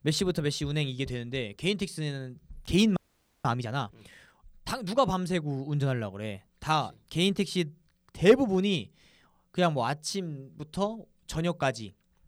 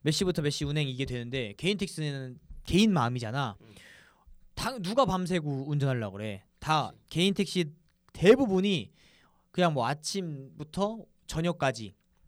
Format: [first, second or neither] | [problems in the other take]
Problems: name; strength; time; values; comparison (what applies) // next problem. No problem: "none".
second | audio freezing; at 3 s